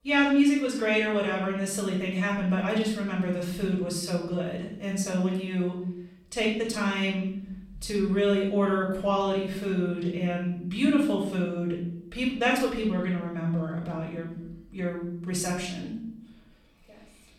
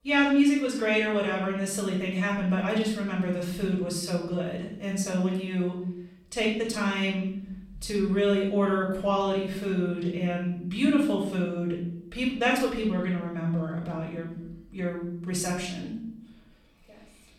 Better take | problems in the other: neither | off-mic speech; far; the same in both // room echo; noticeable; dies away in 0.7 s; the same in both

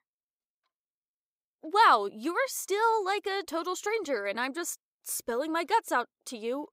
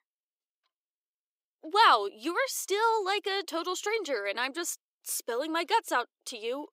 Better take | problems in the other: first | thin; very slightly; fading below 300 Hz

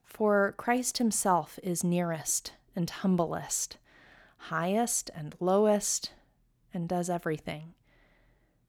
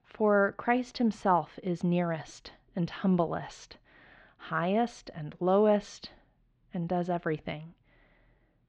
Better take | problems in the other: first | muffled; very; fading above 3.5 kHz

